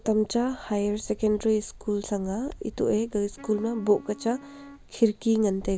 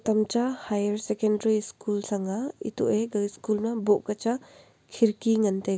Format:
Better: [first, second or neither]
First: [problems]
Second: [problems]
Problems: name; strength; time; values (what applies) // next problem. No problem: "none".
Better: second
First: background sound (Bird + Wind instrument, woodwind instrument); 18 dB below the speech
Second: none